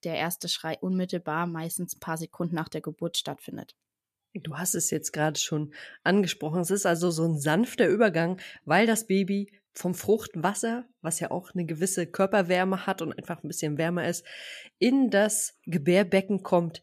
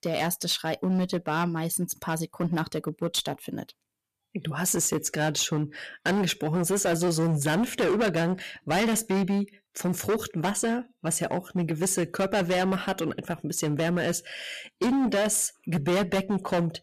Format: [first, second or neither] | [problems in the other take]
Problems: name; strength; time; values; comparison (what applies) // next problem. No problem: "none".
first | distortion; heavy; 15% of the sound clipped